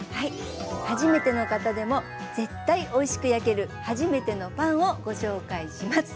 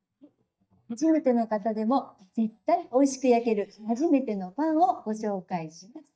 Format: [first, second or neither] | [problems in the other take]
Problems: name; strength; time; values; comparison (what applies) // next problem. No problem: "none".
first | noise reduction (neural mask model DeepFilterNet 3)